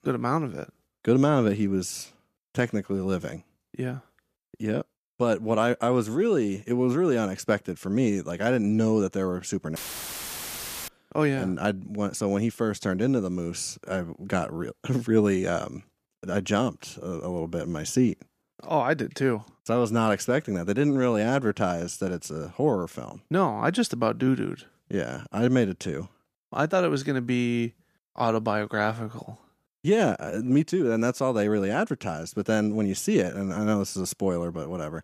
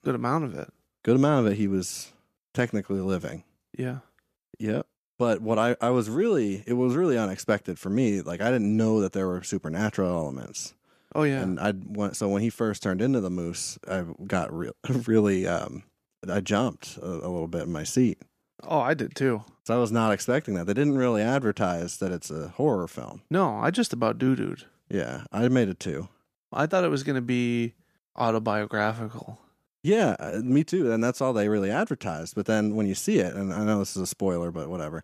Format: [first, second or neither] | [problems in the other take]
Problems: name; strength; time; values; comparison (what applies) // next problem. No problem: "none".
second | audio cutting out; filled with static; at 10 s for 1 s